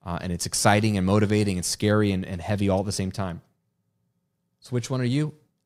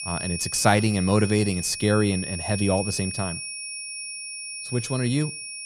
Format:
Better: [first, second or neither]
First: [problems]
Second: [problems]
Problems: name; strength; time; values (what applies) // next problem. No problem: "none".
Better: first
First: none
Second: high-pitched whine; loud; throughout; 2.5 kHz, 7 dB below the speech